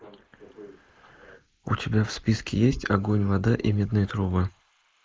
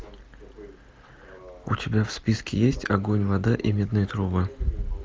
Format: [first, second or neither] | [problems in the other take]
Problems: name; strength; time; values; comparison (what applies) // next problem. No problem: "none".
second | noise reduction (neural mask model Resemble Enhance denoiser)